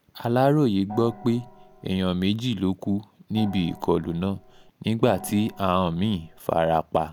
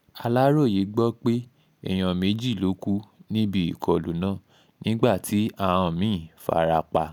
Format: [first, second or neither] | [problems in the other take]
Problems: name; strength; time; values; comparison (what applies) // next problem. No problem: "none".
second | background sound (Gong); 18 dB below the speech